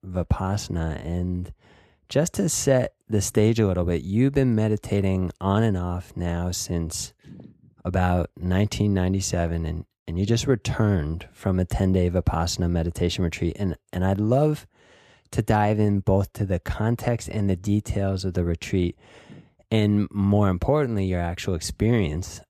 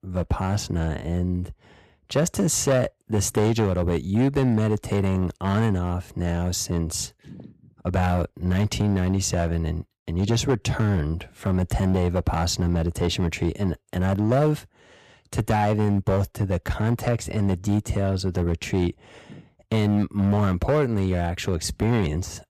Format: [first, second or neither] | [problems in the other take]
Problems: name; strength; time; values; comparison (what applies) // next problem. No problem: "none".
first | distortion; slight; 6% of the sound clipped